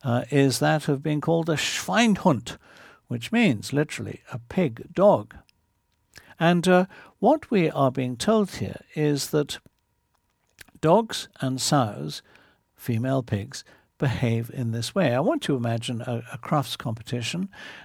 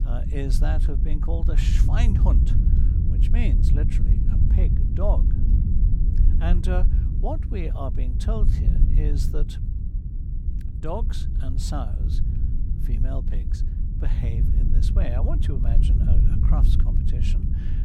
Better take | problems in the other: first | wind noise on the microphone; heavy; 4 dB below the speech

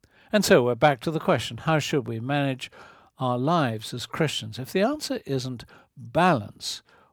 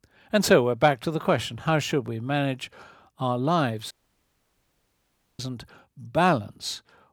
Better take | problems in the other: first | audio cutting out; at 4 s for 1.5 s

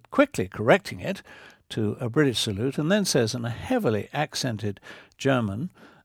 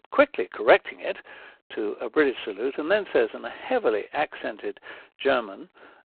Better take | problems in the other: first | phone-call audio; poor line; nothing above 4 kHz

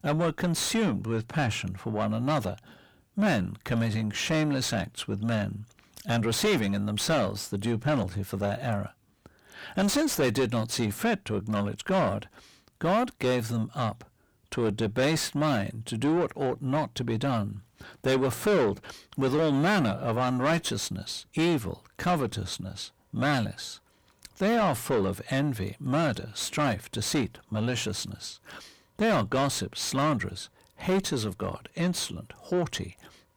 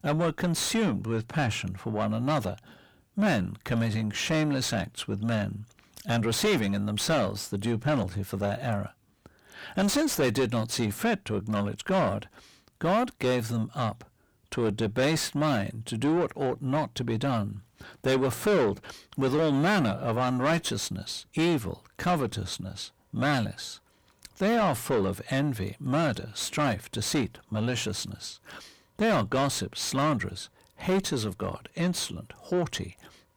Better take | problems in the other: neither | distortion; heavy; 5 dB below the speech; the same in both

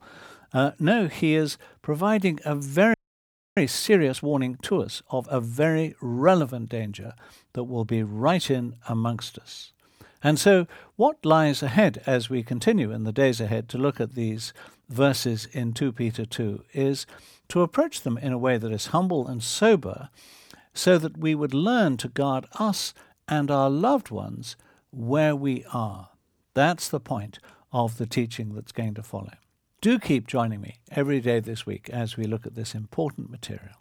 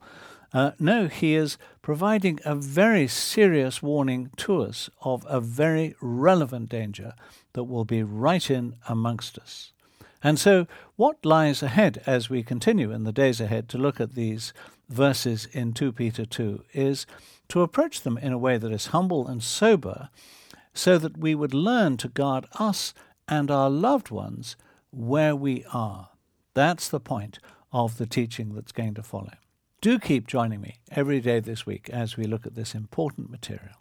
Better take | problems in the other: second | audio freezing; at 3 s for 0.5 s

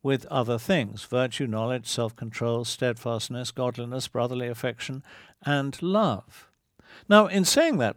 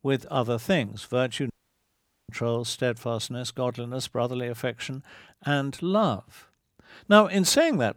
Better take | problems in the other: first | audio cutting out; at 1.5 s for 1 s

